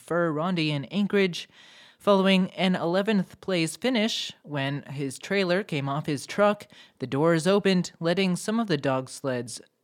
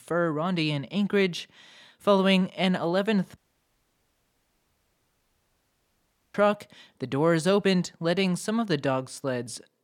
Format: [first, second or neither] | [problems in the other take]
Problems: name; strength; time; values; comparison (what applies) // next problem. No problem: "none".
first | audio cutting out; at 3.5 s for 3 s